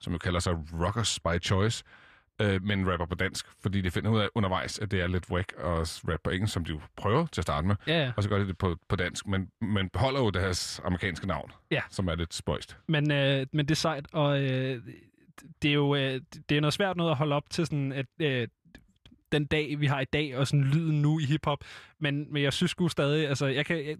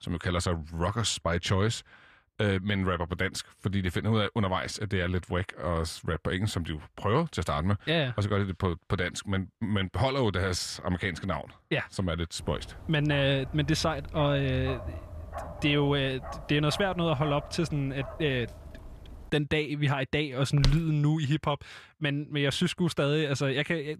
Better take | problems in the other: first | dog barking; noticeable; from 12 to 19 s; peak 7 dB below the speech // footsteps; noticeable; at 21 s; peak 3 dB below the speech

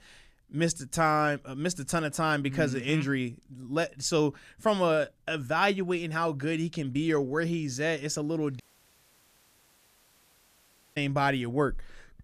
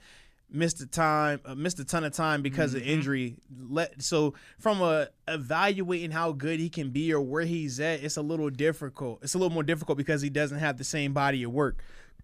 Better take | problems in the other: second | audio cutting out; at 8.5 s for 2.5 s

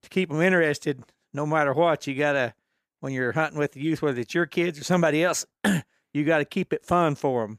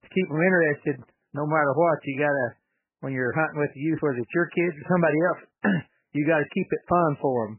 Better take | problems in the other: first | garbled, watery; badly; nothing above 3 kHz

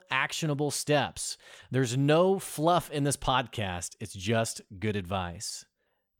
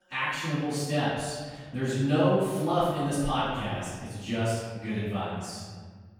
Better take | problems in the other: first | off-mic speech; far // room echo; strong; dies away in 1.6 s

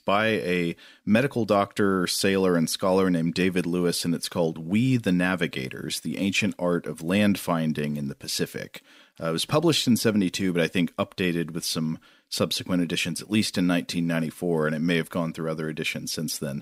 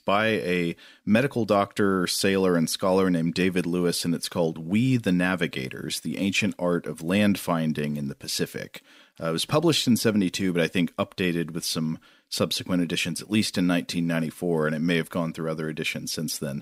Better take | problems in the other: neither | none

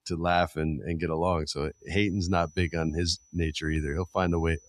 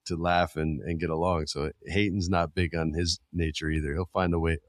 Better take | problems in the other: second | high-pitched whine; faint; from 2 s on; 6 kHz, 30 dB below the speech

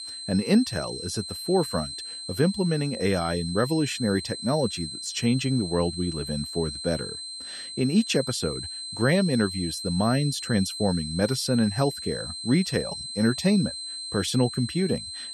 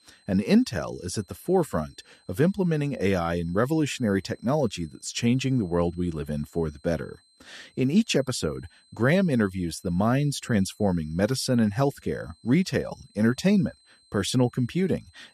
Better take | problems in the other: second | high-pitched whine; loud; throughout; 4 kHz, 7 dB below the speech; faint in the second

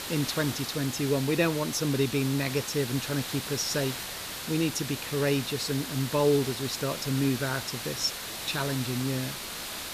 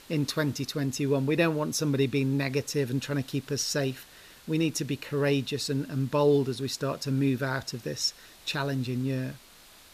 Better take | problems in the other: second | hiss; loud; throughout; 6 dB below the speech; faint in the second

